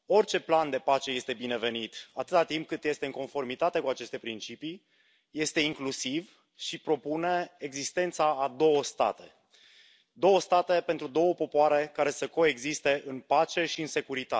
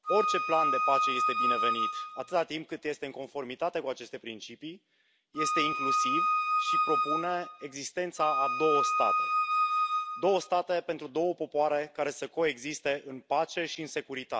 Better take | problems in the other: first | background sound (Wind instrument, woodwind instrument); 4 dB above the speech

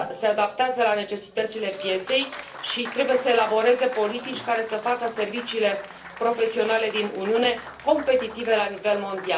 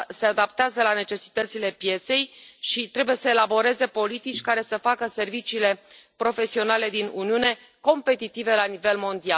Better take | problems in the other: second | background sound (Applause); 15 dB below the speech // room echo; dies away in 0.3 s

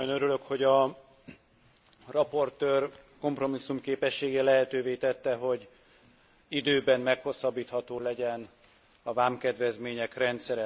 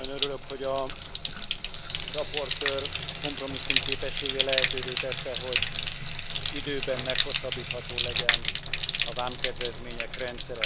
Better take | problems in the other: first | background sound (Bathtub (filling or washing)); 5 dB above the speech

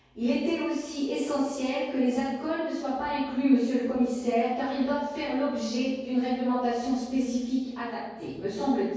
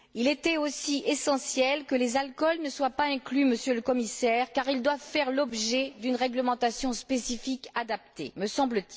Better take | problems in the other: second | room echo; dies away in 1.3 s

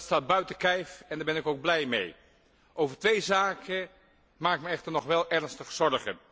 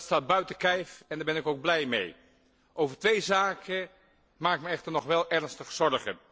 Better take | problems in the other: first | noise reduction (neural separator model SepFormer DNS4)

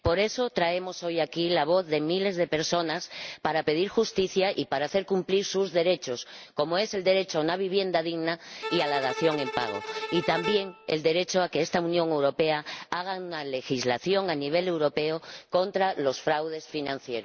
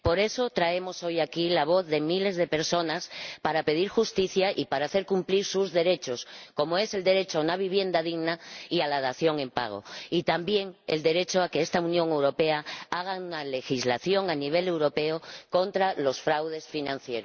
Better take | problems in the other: second | background sound (Bowed string instrument); 9 dB below the speech

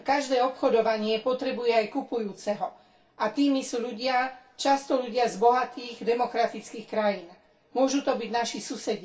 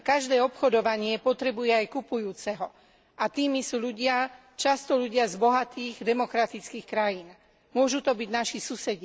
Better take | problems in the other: second | room echo; dies away in 0.3 s

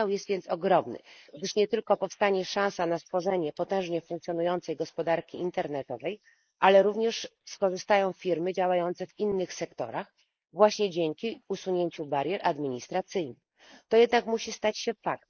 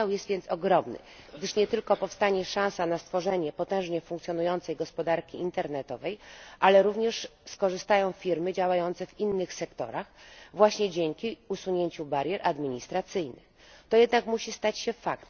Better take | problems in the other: second | noise reduction (neural mask model Resemble Enhance denoiser)

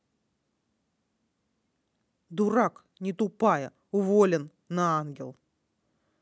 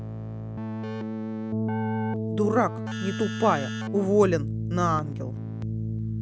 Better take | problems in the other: first | background sound (Keyboard (musical)); 2 dB below the speech

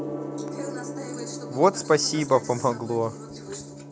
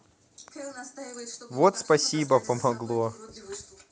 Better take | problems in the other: second | background sound (Gong); 9 dB below the speech

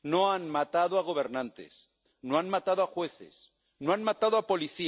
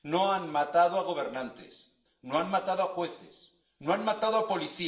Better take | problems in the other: first | room echo; dies away in 0.6 s

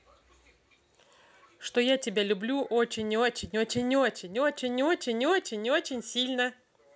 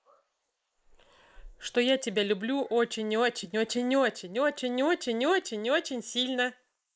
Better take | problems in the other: first | noise reduction (neural mask model Resemble Enhance denoiser)

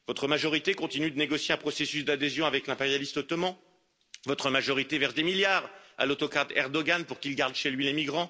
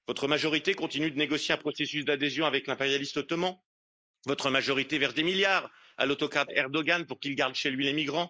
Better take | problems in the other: first | noise reduction (neural mask model Resemble Enhance denoiser)

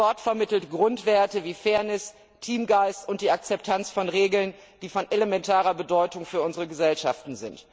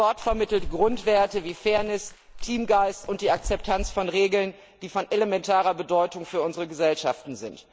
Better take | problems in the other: first | noise reduction (neural mask model Resemble Enhance denoiser)

